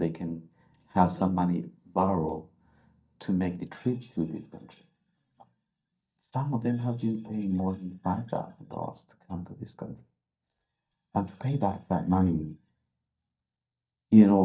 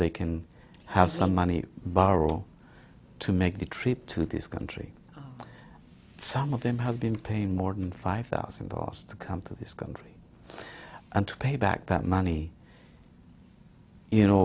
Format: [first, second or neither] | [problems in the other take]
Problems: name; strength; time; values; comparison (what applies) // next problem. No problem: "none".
second | noise reduction (neural mask model DeepFilterNet 3)